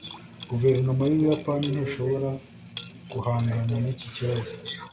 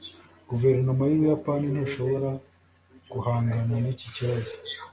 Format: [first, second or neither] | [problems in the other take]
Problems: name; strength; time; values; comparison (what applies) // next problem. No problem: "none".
second | background sound (Strum + Liquid); 17 dB below the speech